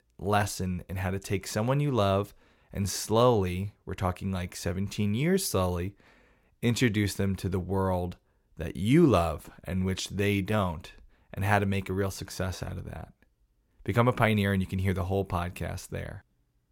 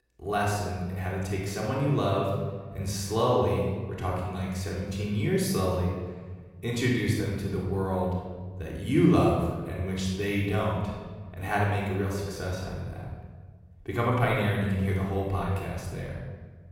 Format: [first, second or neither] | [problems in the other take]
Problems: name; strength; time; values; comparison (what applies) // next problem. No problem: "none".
first | off-mic speech; far // room echo; noticeable; dies away in 1.3 s